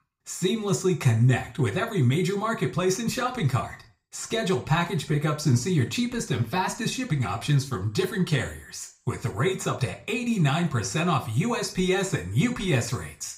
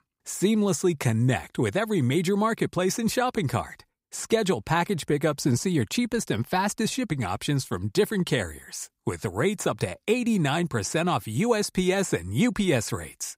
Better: second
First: room echo; very slight; dies away in 0.3 s // off-mic speech; somewhat distant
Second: none

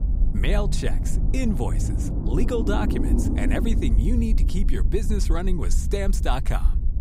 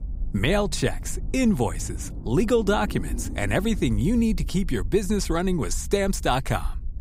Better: second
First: low rumble; loud; throughout; 6 dB below the speech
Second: low rumble; faint; throughout; 20 dB below the speech

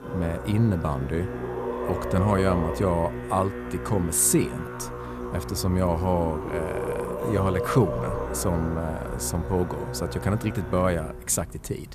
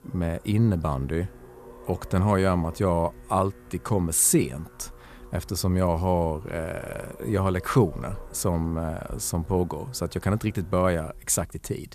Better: second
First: background music; loud; throughout; 6 dB below the speech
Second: background music; faint; throughout; 25 dB below the speech

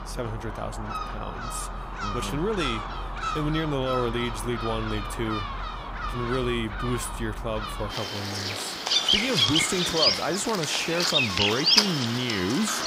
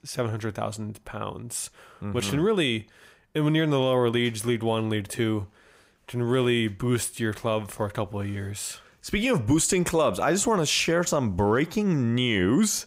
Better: second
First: animal sounds; very loud; throughout; 3 dB above the speech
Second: none

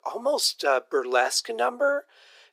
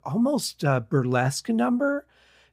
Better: second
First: thin; very; fading below 400 Hz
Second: none

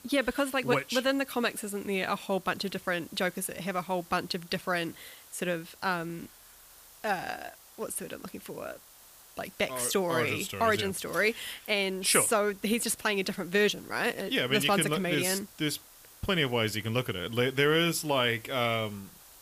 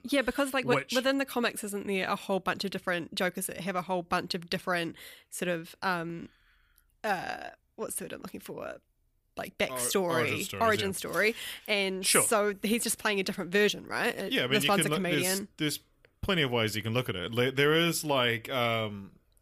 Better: second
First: hiss; faint; throughout; 20 dB below the speech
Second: none

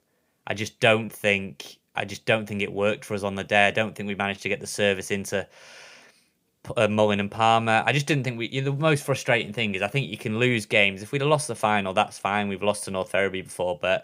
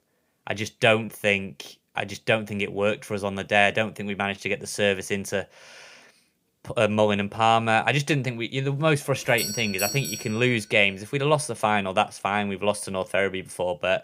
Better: first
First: none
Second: doorbell; noticeable; from 9.5 to 10 s; peak 4 dB below the speech

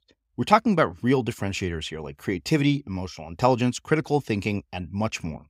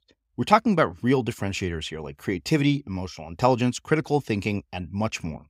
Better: neither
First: none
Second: none

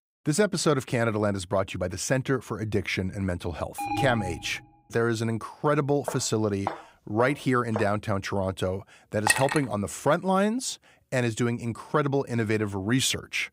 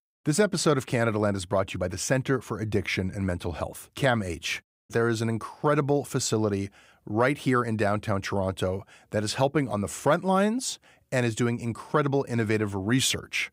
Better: second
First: alarm; noticeable; at 4 s; peak 3 dB below the speech // footsteps; noticeable; from 6 to 8 s; peak 8 dB below the speech // clattering dishes; loud; at 9.5 s; peak 3 dB above the speech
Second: none

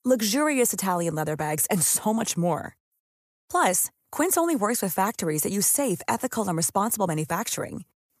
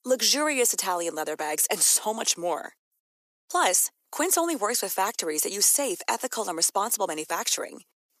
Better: first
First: none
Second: thin; somewhat; fading below 300 Hz

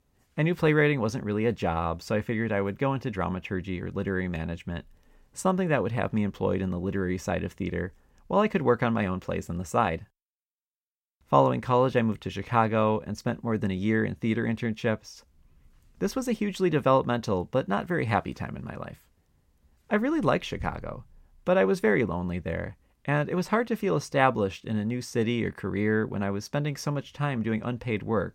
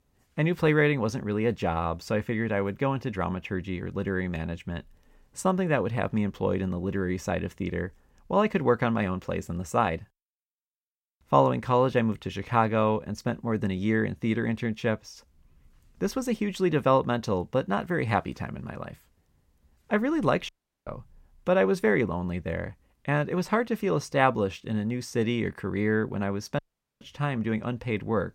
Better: first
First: none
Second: audio cutting out; at 20 s and at 27 s

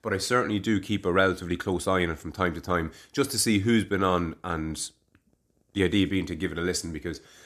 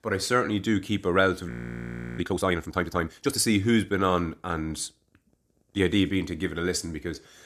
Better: first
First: none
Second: audio freezing; at 1.5 s for 0.5 s

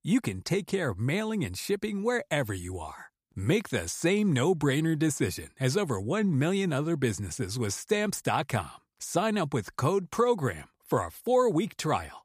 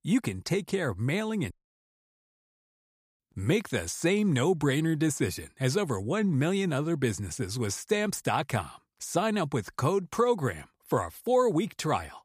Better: first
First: none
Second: audio cutting out; at 1.5 s for 1.5 s

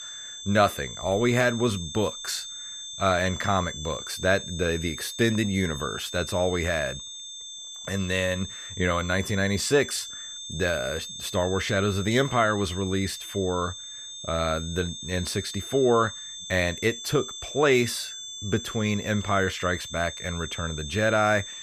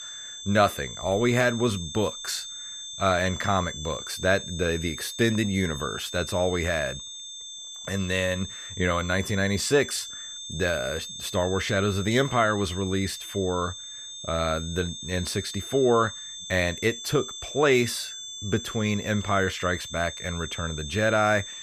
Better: neither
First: high-pitched whine; loud; throughout; 3.5 kHz, 9 dB below the speech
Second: high-pitched whine; loud; throughout; 3.5 kHz, 9 dB below the speech

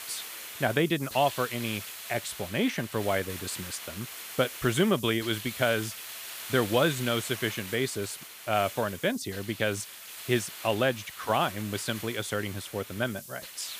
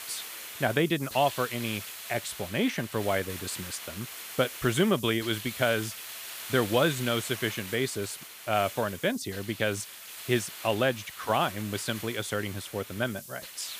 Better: neither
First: hiss; loud; throughout; 10 dB below the speech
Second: hiss; loud; throughout; 10 dB below the speech

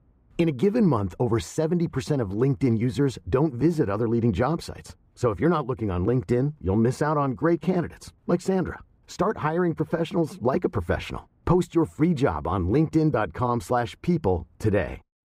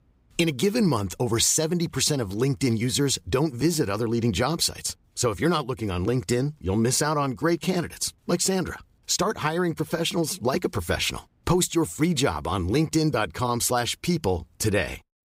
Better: second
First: muffled; very; fading above 2.5 kHz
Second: none

